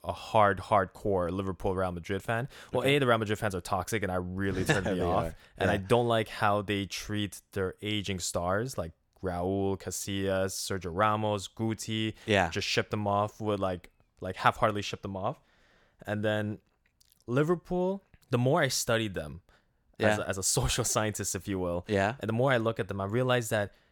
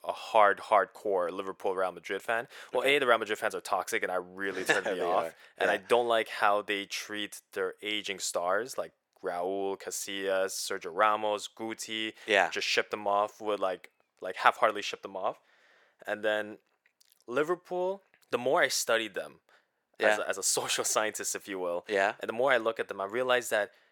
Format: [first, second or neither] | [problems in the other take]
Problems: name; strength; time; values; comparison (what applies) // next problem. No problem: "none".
first | thin; somewhat; fading below 450 Hz